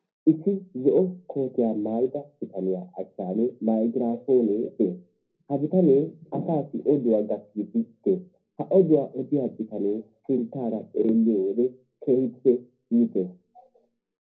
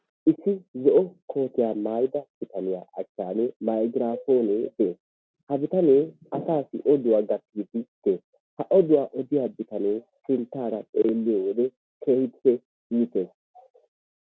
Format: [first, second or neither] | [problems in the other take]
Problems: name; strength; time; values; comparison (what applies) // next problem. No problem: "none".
second | room echo; dies away in 0.4 s